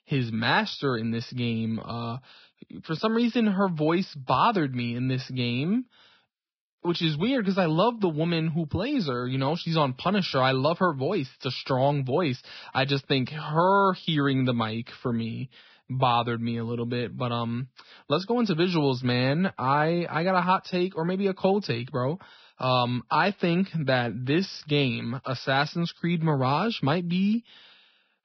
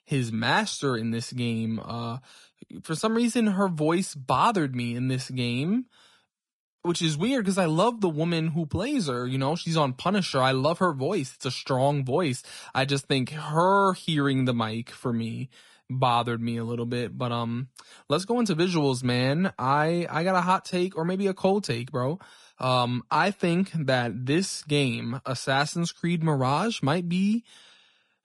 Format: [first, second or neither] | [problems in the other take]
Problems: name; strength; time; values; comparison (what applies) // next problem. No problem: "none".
second | garbled, watery; badly; nothing above 5.5 kHz; slightly in the second